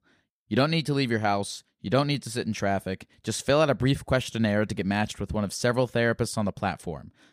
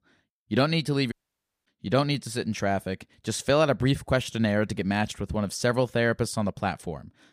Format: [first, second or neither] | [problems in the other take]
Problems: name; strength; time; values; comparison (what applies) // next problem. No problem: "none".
first | audio cutting out; at 1 s for 0.5 s